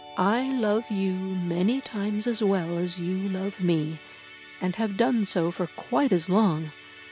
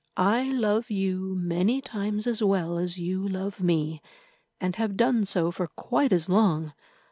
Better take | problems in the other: second | background sound (Musical instrument); 20 dB below the speech

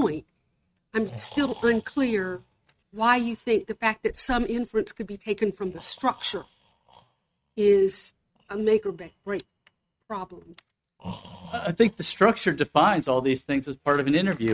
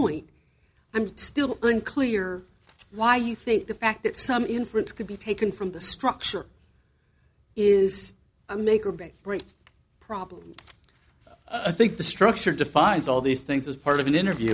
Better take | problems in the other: second | noise reduction (neural mask model RNNoise)

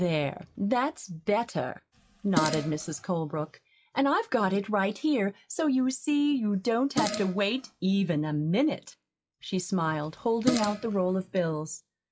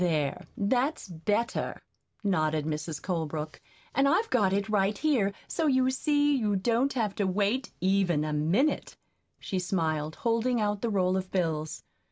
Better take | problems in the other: second | noise reduction (classical method log-MMSE)

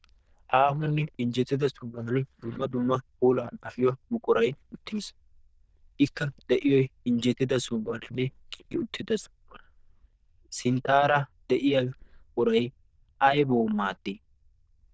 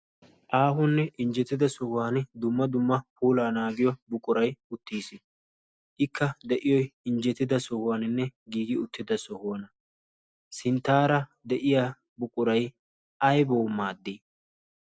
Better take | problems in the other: second | noise reduction (neural diffusion model UNIVERSE++)

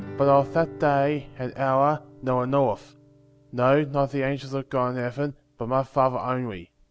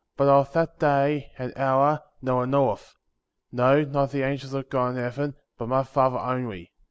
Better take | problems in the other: second | background sound (Guitar); 20 dB below the speech

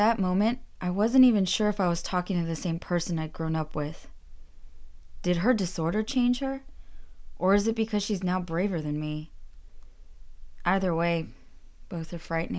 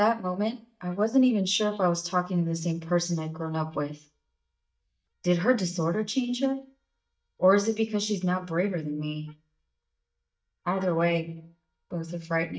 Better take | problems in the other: first | noise reduction (neural mask model DeepFilterNet 3)

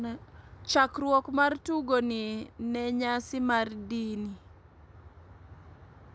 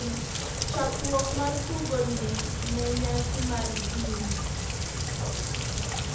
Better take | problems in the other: first | background sound (Rain); 4 dB above the speech // room echo; dies away in 0.7 s

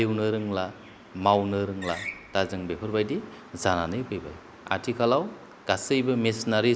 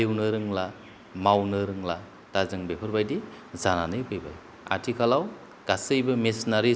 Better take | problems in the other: second | background sound (Screech); 15 dB below the speech

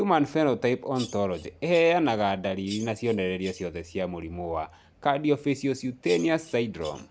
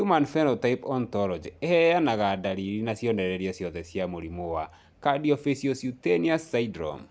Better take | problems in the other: second | background sound (Bird vocalization, bird call, bird song); 19 dB below the speech

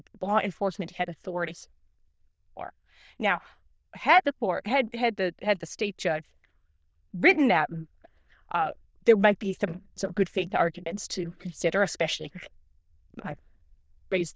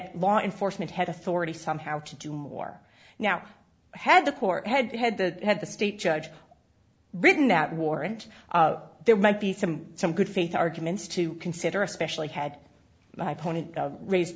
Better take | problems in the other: second | noise reduction (neural diffusion model UNIVERSE++)

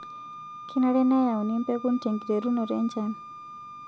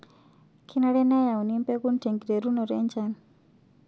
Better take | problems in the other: second | background sound (Wind instrument, woodwind instrument); 15 dB below the speech

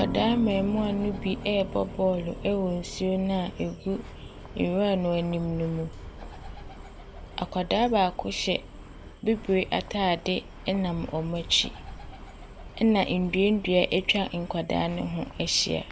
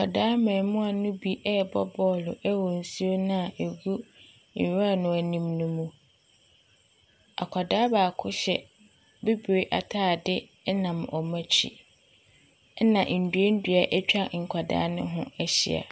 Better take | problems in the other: second | background sound (Bird + Piano); 12 dB below the speech

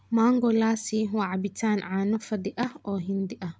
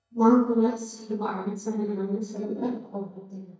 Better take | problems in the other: first | noise reduction (neural mask model DeepFilterNet 3)

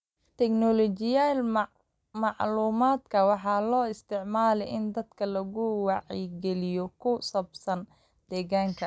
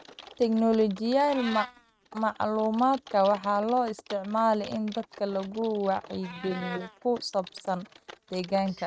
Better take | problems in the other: first | noise reduction (neural mask model RNNoise)

